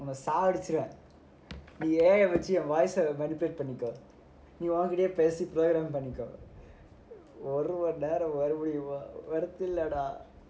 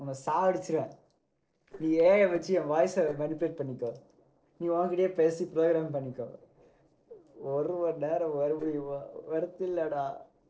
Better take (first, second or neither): first